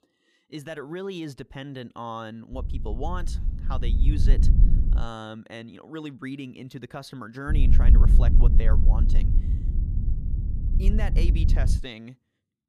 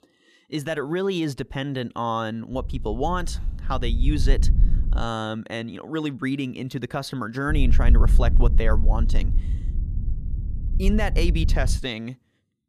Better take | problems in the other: second | wind noise on the microphone; heavy; from 2.5 to 5 s and from 7.5 to 12 s; 5 dB below the speech; occasional gusts in the second

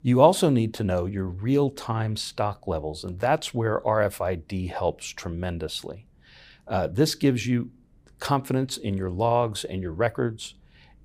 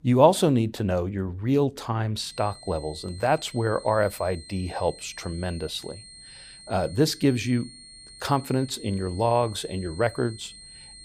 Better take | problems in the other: first | high-pitched whine; noticeable; from 2.5 s on; 4 kHz, 20 dB below the speech

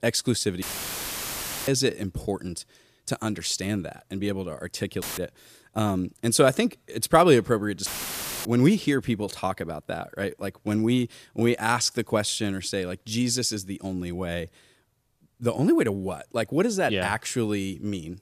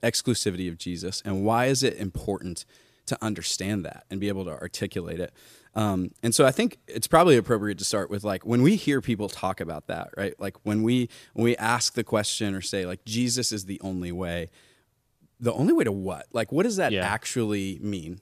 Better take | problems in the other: second | audio cutting out; filled with static; at 0.5 s for 1 s, at 5 s and at 8 s for 0.5 s

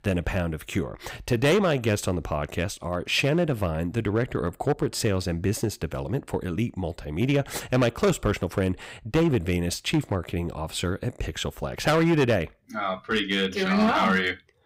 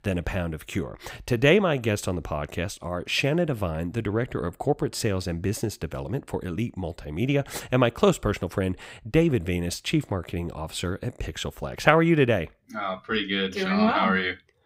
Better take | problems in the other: second | distortion; slight; 4% of the sound clipped

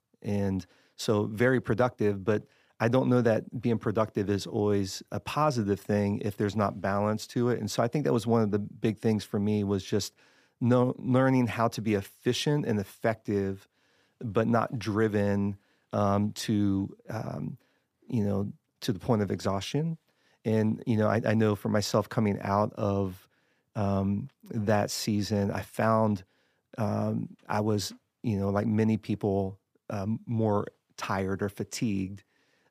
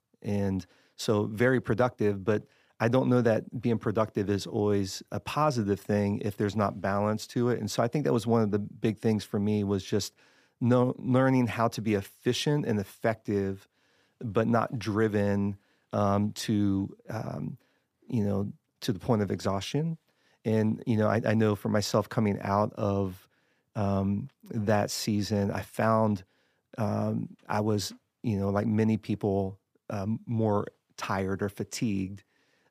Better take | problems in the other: neither | none

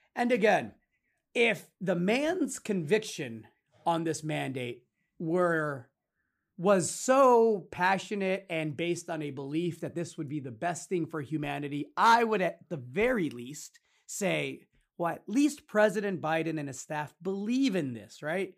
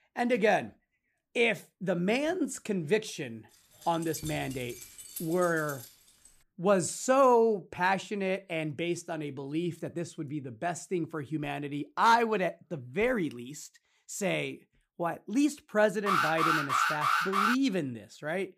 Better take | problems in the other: first | jangling keys; faint; from 4 to 6.5 s; peak 10 dB below the speech // alarm; loud; from 16 to 18 s; peak 4 dB above the speech

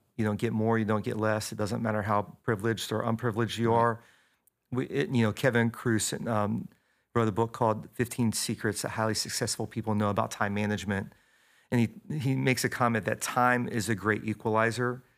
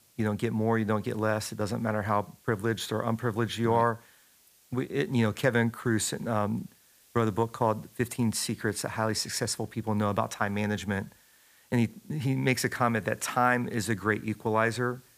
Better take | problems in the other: first | hiss; faint; throughout; 30 dB below the speech

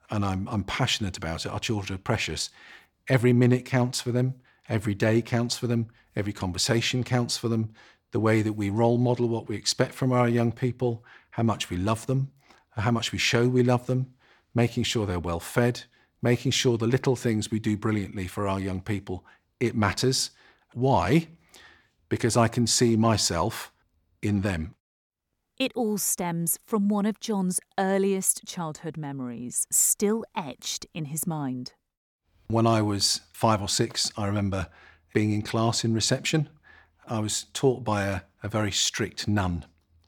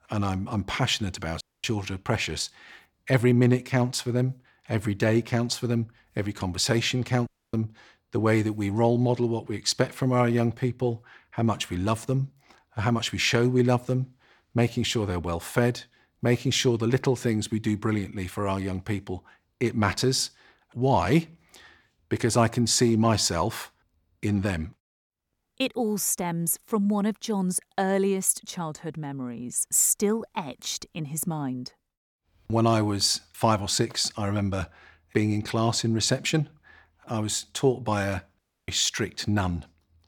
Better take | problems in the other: first | audio cutting out; at 1.5 s, at 7.5 s and at 38 s

